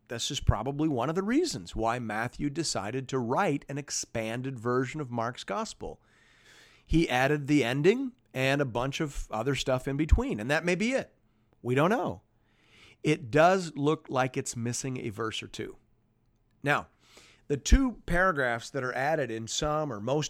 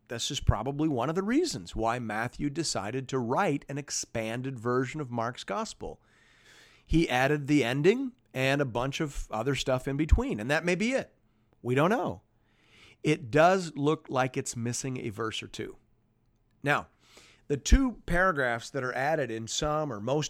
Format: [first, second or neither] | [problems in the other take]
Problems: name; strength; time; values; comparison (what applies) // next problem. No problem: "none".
neither | none